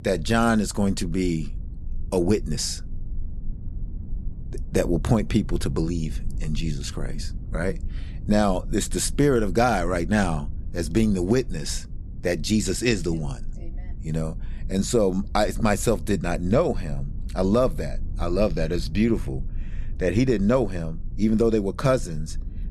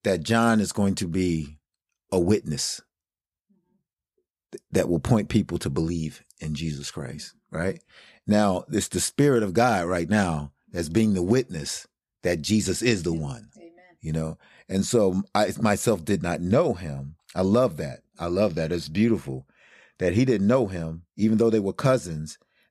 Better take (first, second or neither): second